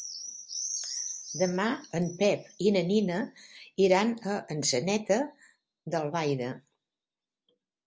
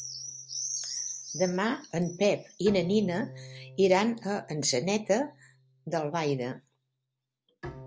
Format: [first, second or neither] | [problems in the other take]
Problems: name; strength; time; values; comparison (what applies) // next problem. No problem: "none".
first | background sound (Bowed string instrument); 20 dB below the speech